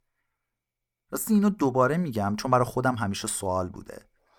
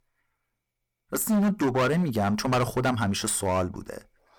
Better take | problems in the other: first | distortion; heavy; 10% of the sound clipped

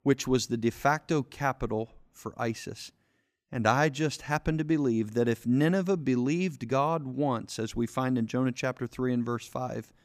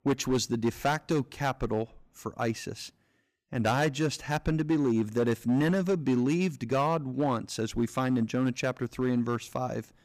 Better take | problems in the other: first | distortion; slight; 6% of the sound clipped

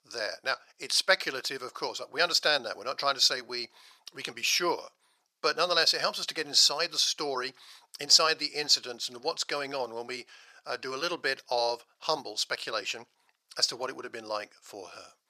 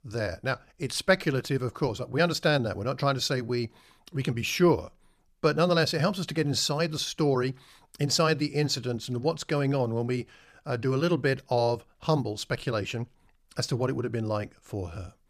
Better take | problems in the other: second | thin; very; fading below 700 Hz

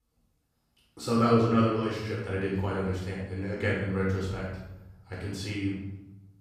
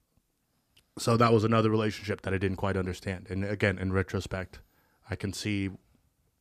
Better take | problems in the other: second | off-mic speech; far // room echo; noticeable; dies away in 0.9 s

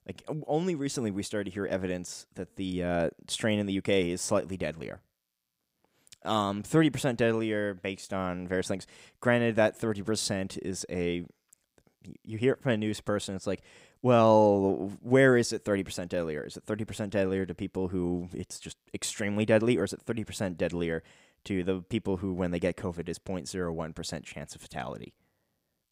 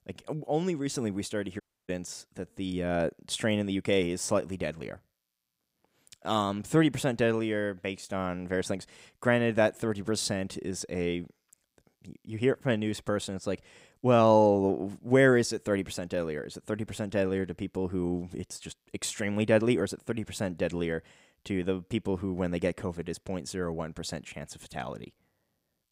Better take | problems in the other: first | audio cutting out; at 1.5 s

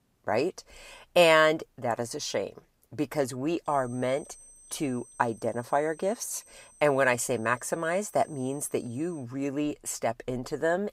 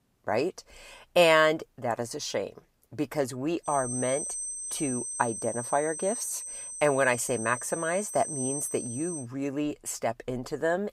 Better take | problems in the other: first | high-pitched whine; loud; from 3.5 to 9 s; 8.5 kHz, 5 dB below the speech; faint in the first

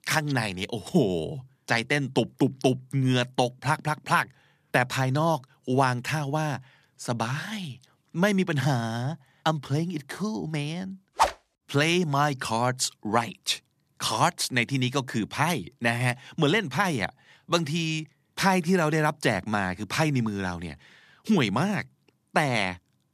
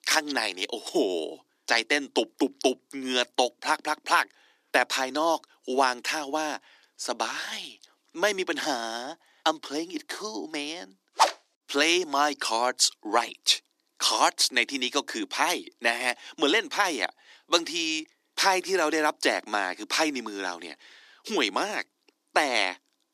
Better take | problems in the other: first | thin; somewhat; fading below 300 Hz

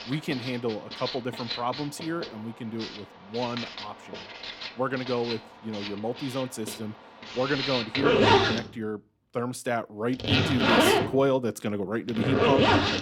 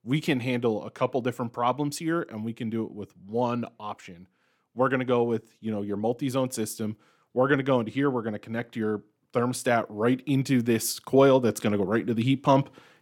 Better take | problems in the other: second | household noises; very loud; throughout; 5 dB above the speech

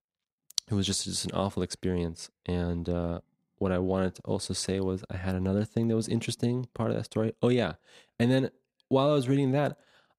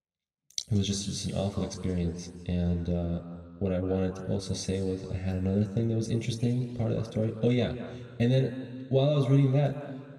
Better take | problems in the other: first | room echo; slight; dies away in 1.8 s

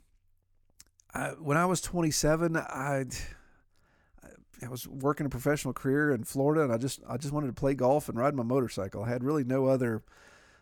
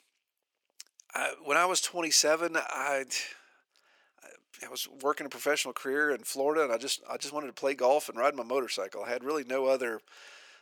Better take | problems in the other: first | thin; somewhat; fading below 400 Hz

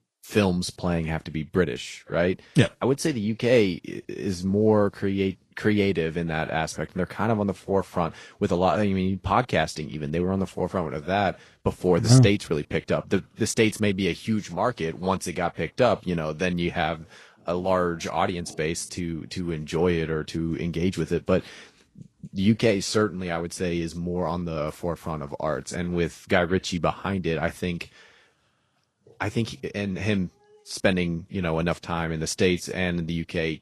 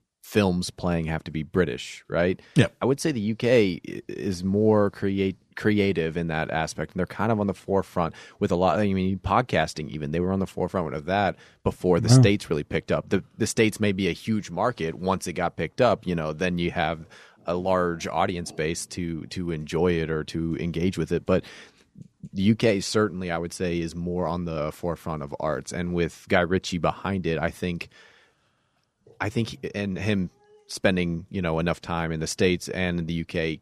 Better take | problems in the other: second | garbled, watery; slightly; nothing above 11.5 kHz

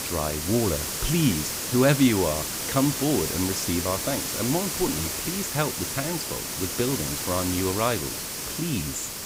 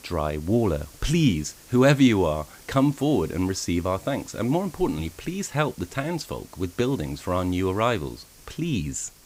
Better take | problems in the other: second | hiss; loud; throughout; 2 dB below the speech; faint in the second

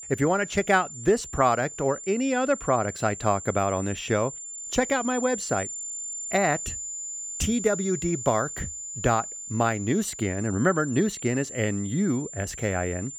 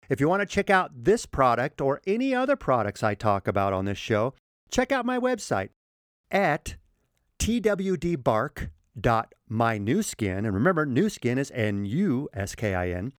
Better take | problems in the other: second | high-pitched whine; loud; throughout; 7 kHz, 8 dB below the speech

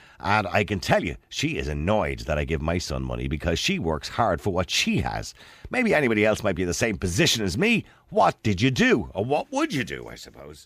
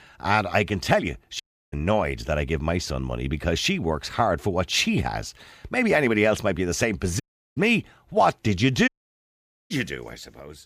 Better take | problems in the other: first | audio cutting out; at 1.5 s, at 7 s and at 9 s for 1 s

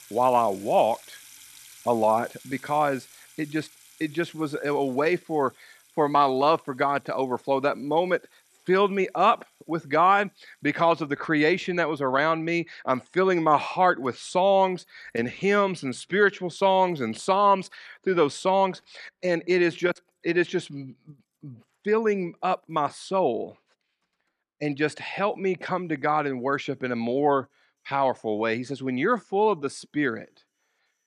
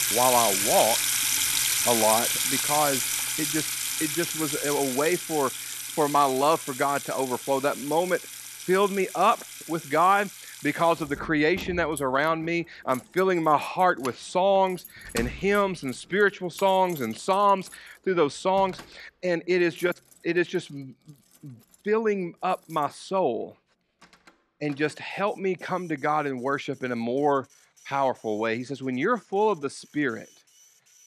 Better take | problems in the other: first | household noises; loud; throughout; 1 dB below the speech; faint in the first

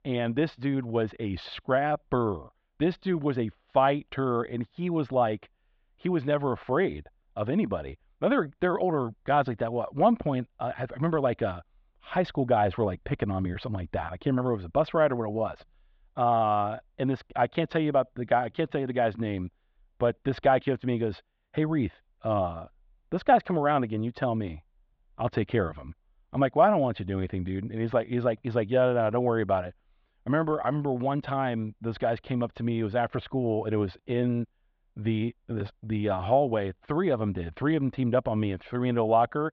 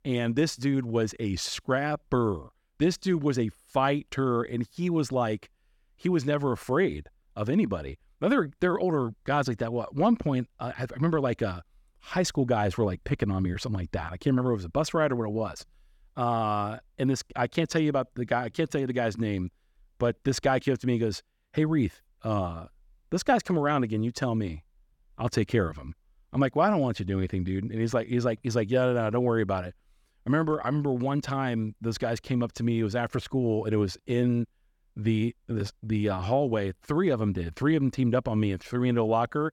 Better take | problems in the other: second | muffled; very; fading above 3.5 kHz

